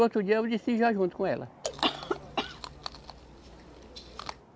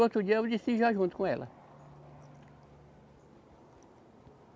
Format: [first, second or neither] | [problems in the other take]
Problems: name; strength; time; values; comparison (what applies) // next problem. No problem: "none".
second | background sound (Chewing, mastication / Cough); 6 dB below the speech